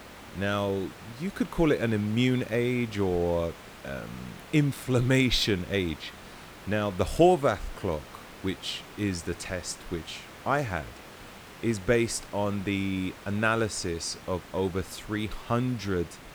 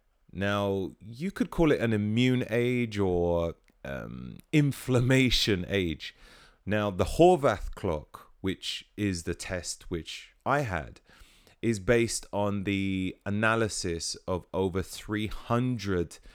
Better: second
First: hiss; noticeable; throughout; 15 dB below the speech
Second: none

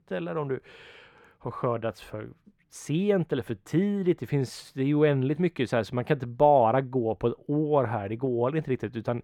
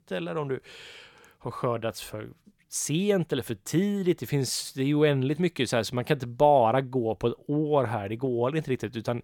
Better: second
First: muffled; slightly; fading above 3.5 kHz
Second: none

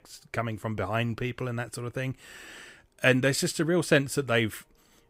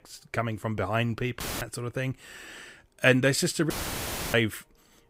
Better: first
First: none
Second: audio cutting out; filled with static; at 1.5 s and at 3.5 s for 0.5 s

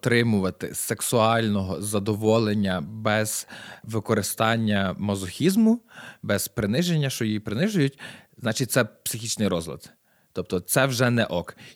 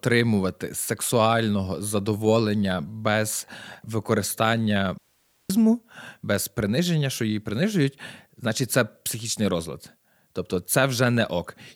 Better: first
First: none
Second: audio cutting out; at 5 s for 0.5 s

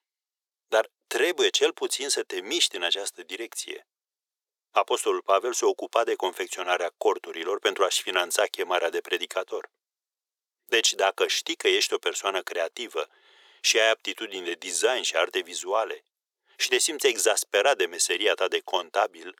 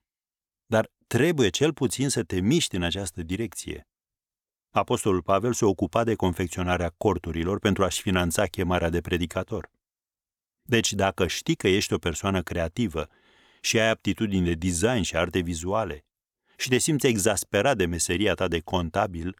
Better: second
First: thin; very; fading below 400 Hz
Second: none

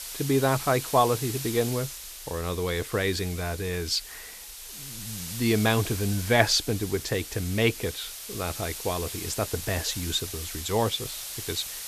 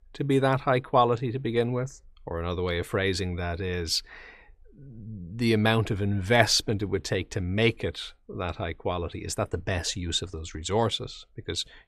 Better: second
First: hiss; loud; throughout; 8 dB below the speech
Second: none

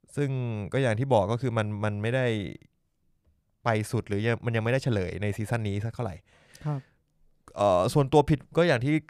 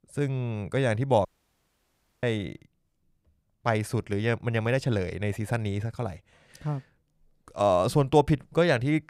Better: first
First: none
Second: audio cutting out; at 1.5 s for 1 s

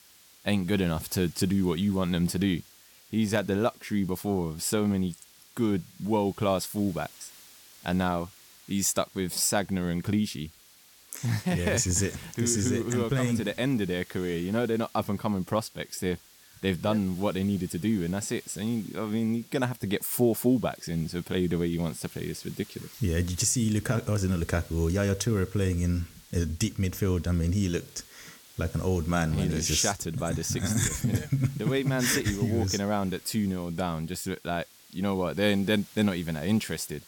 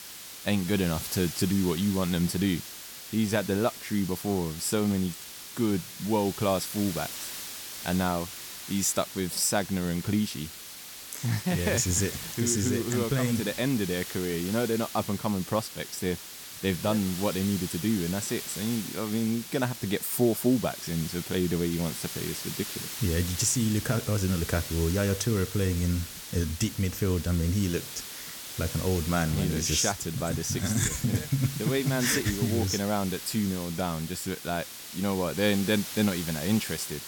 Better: first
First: hiss; faint; throughout; 20 dB below the speech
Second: hiss; loud; throughout; 9 dB below the speech

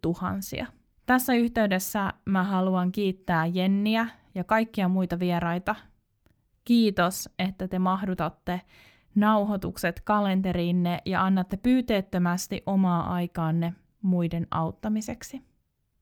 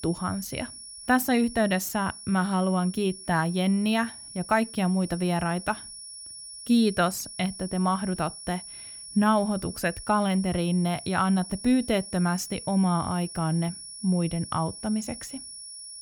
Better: first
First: none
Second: high-pitched whine; noticeable; throughout; 10 kHz, 15 dB below the speech

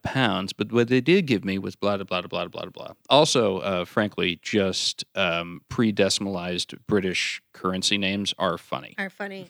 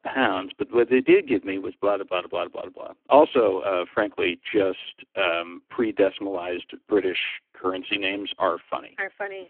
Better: first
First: none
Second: phone-call audio; poor line; nothing above 3 kHz

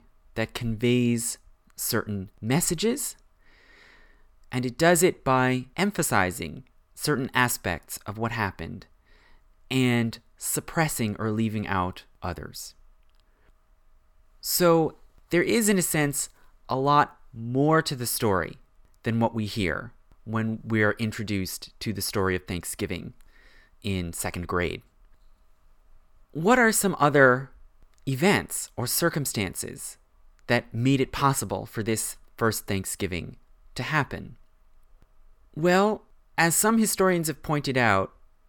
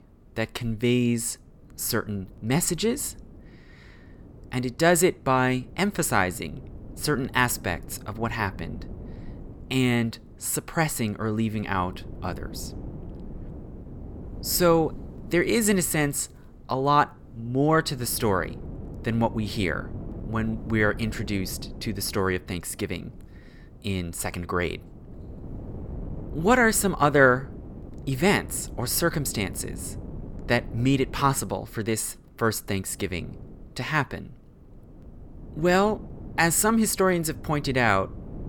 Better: first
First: none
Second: wind noise on the microphone; occasional gusts; 25 dB below the speech

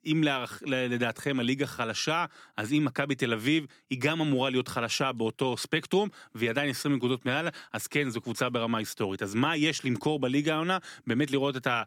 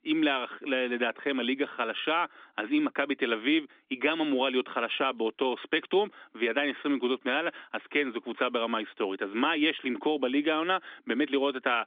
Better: first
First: none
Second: phone-call audio; nothing above 3.5 kHz

